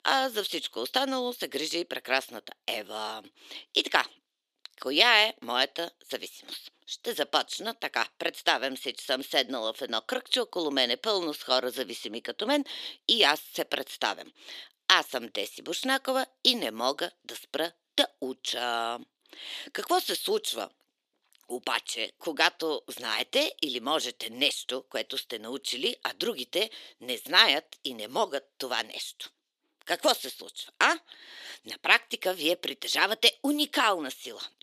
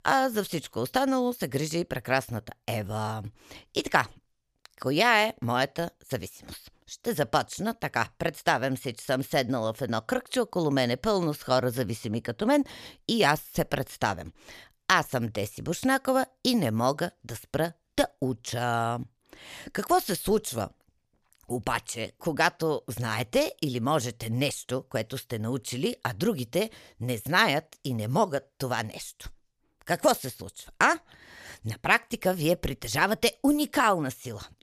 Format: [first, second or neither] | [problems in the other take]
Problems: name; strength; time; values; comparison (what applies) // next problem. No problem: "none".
second | thin; very slightly; fading below 300 Hz